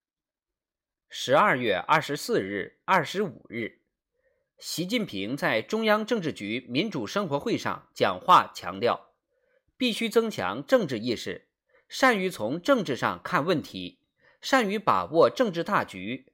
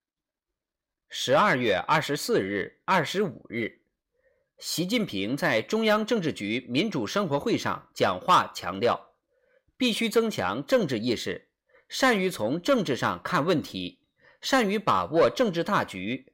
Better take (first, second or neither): first